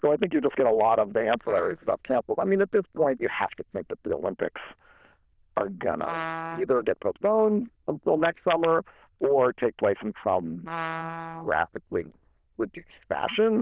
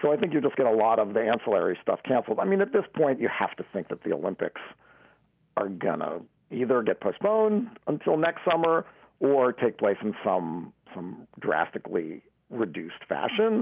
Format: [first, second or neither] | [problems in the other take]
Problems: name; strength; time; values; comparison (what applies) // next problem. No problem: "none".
second | noise reduction (neural diffusion model UNIVERSE++)